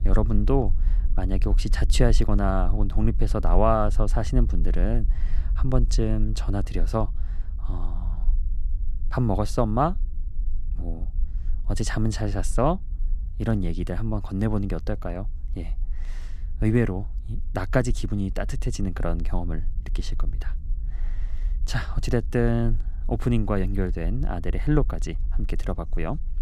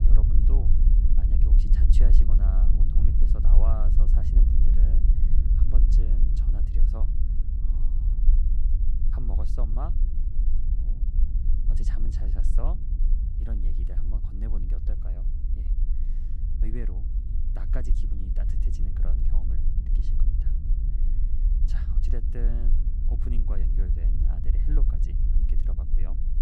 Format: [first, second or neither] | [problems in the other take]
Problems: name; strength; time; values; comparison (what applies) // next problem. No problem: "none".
first | low rumble; loud; throughout; 1 dB below the speech; faint in the first